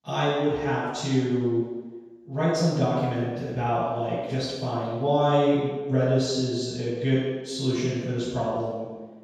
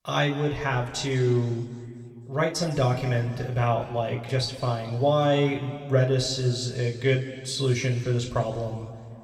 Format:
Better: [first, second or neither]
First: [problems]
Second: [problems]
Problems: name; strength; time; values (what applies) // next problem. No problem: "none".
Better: second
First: room echo; strong; dies away in 1.2 s // off-mic speech; far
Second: room echo; slight; dies away in 2 s // off-mic speech; somewhat distant